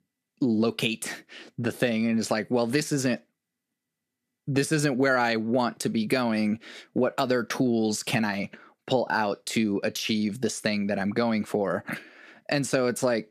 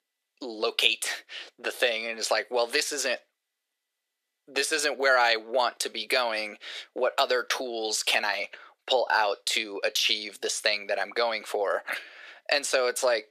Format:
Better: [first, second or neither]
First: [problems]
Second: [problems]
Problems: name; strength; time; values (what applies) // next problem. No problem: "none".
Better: first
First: none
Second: thin; very; fading below 450 Hz